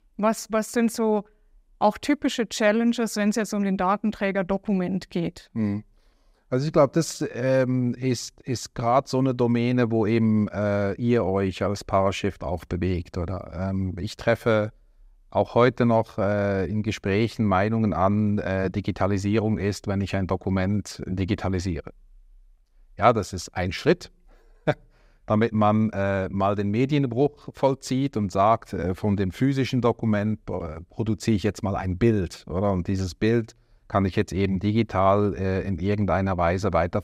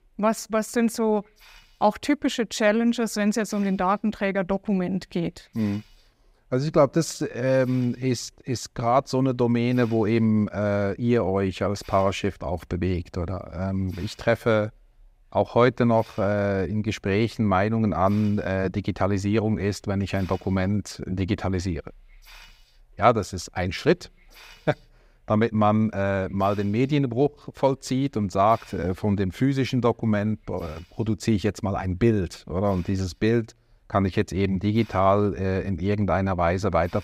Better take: first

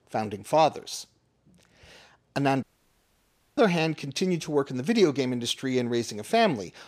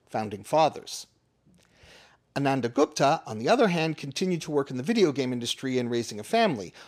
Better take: second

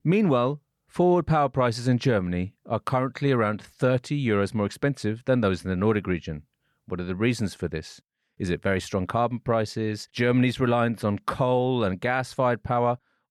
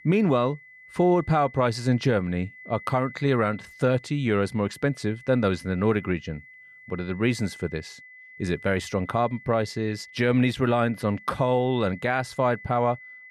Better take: first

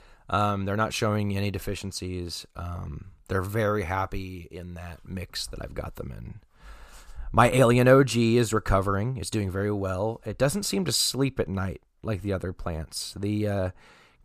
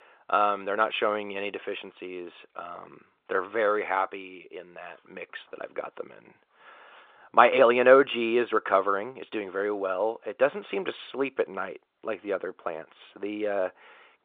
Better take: first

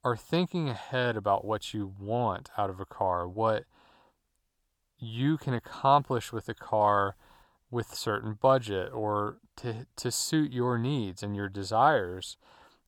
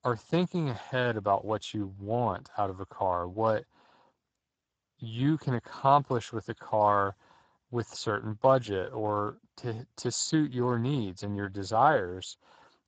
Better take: first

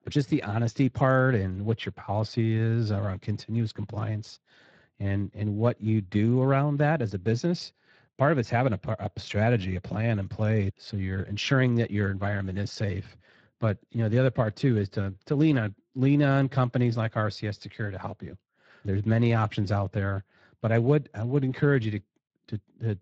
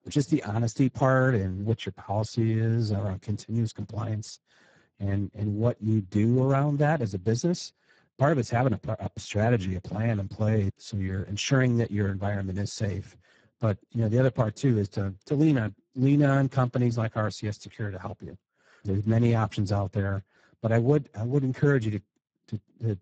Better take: first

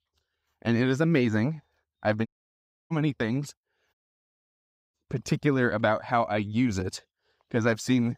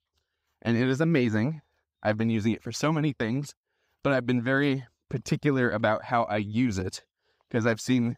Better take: second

